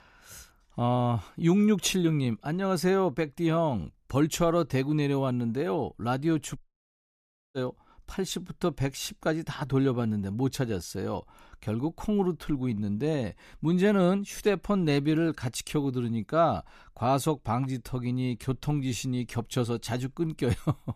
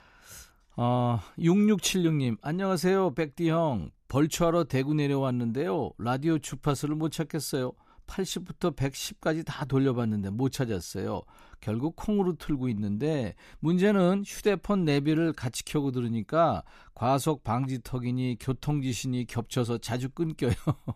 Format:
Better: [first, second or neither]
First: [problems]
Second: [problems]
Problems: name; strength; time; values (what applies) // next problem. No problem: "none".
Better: second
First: audio cutting out; at 6.5 s for 1 s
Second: none